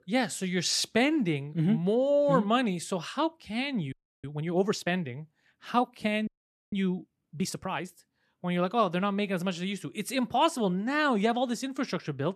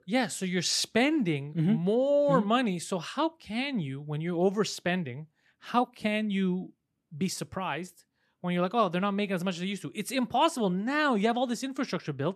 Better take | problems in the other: second | audio freezing; at 4 s and at 6.5 s

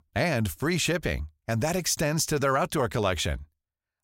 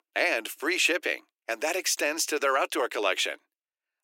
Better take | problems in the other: first | thin; very; fading below 300 Hz

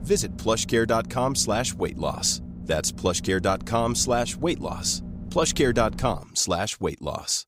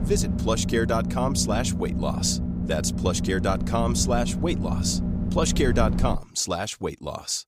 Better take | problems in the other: first | low rumble; loud; until 6 s; 8 dB below the speech; faint in the first

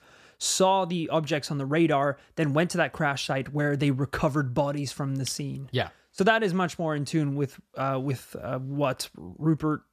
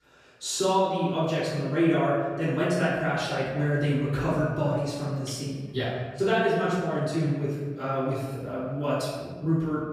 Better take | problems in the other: first | off-mic speech; far // room echo; strong; dies away in 1.2 s

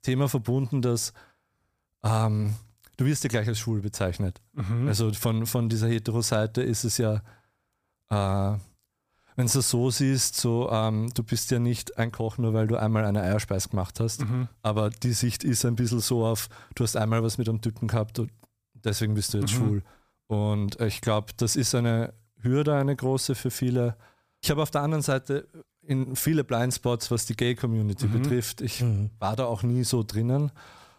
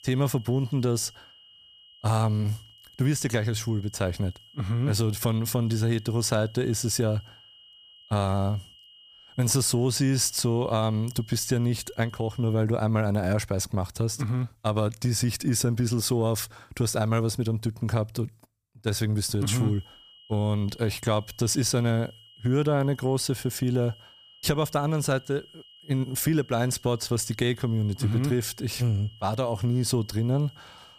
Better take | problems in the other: first | high-pitched whine; faint; until 13 s and from 19 s on; 3 kHz, 25 dB below the speech

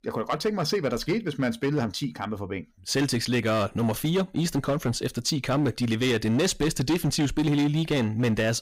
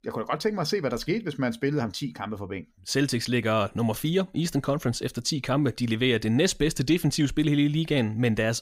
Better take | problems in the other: second | distortion; slight; 10% of the sound clipped

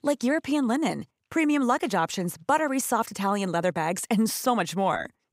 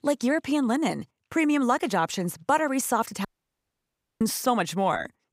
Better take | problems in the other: first | audio cutting out; at 3.5 s for 1 s

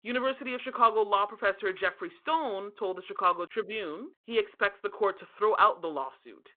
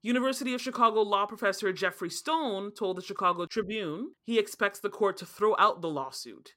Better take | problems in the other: second | phone-call audio

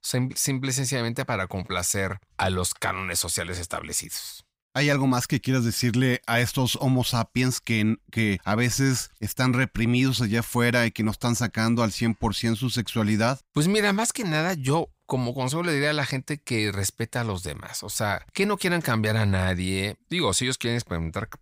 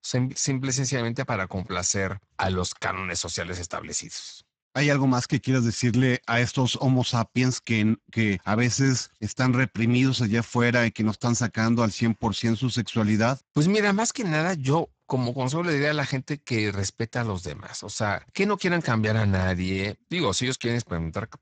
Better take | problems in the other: first | garbled, watery; badly; nothing above 7.5 kHz

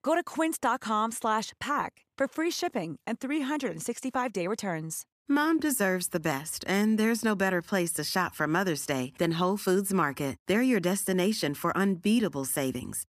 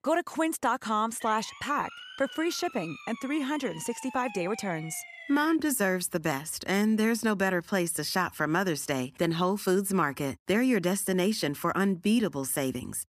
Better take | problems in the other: first | siren; faint; from 1 to 5.5 s; peak 15 dB below the speech

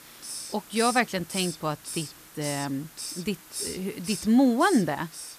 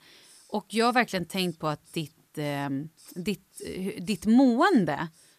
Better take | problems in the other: second | hiss; loud; throughout; 9 dB below the speech; faint in the second

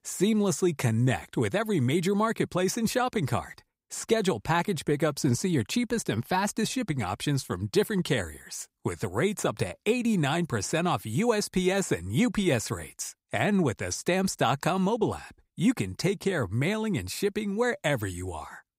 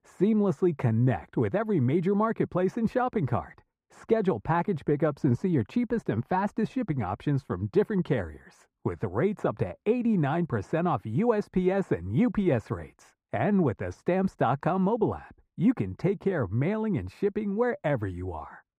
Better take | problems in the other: first | muffled; very; fading above 3 kHz

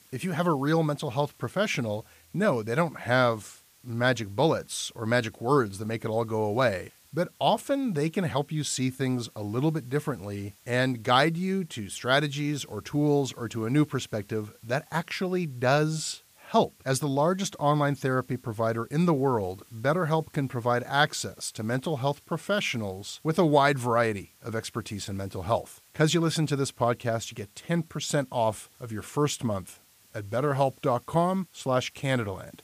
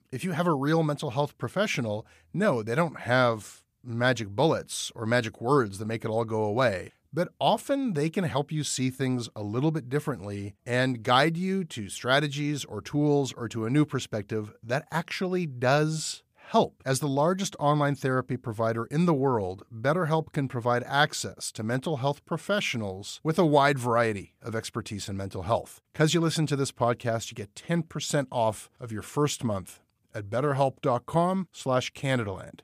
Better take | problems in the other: second | hiss; faint; throughout; 30 dB below the speech

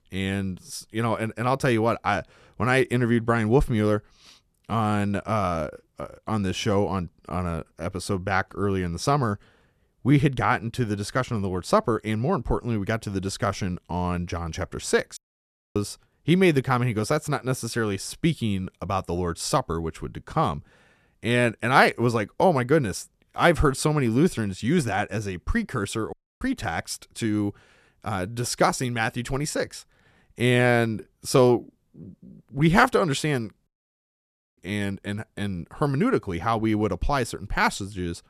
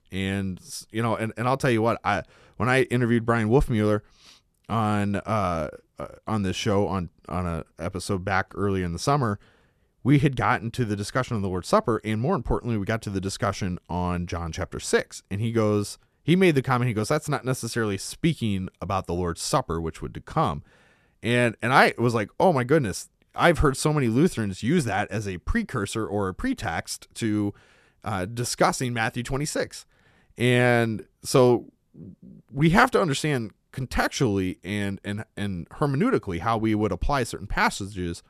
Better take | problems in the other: second | audio cutting out; at 15 s for 0.5 s, at 26 s and at 34 s for 1 s

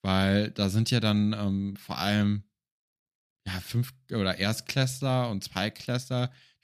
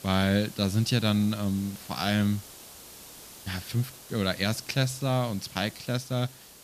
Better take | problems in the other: first | hiss; noticeable; throughout; 15 dB below the speech

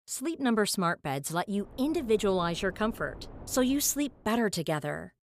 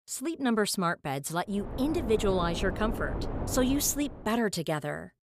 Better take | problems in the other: first | wind noise on the microphone; heavy; from 1.5 to 4.5 s; 10 dB below the speech; occasional gusts in the first

